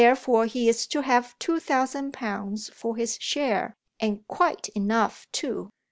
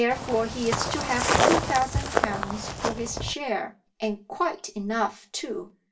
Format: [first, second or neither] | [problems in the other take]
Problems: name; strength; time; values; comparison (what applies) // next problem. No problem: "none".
first | background sound (Walk, footsteps); 2 dB above the speech // room echo; dies away in 0.2 s